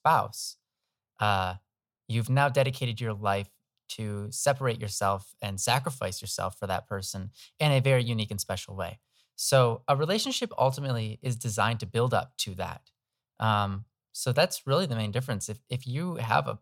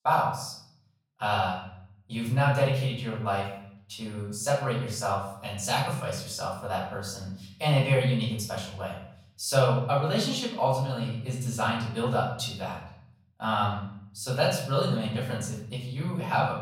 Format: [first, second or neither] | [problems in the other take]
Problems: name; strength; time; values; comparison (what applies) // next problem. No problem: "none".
first | off-mic speech; far // room echo; noticeable; dies away in 0.6 s